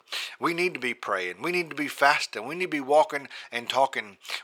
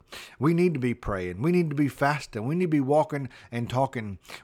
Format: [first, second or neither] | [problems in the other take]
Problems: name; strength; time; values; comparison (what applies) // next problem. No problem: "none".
second | thin; very; fading below 600 Hz